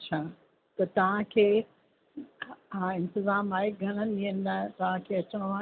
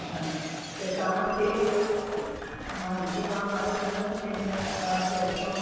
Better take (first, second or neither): first